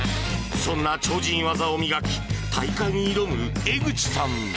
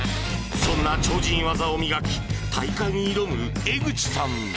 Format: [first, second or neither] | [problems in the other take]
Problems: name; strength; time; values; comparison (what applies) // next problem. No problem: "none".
first | background sound (Shatter / Boom); 5 dB below the speech